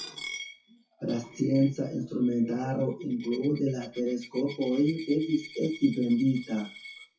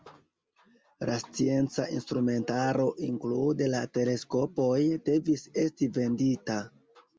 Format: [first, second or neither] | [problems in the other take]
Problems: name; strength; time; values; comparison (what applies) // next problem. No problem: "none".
second | noise reduction (classical method WPE with log-MMSE)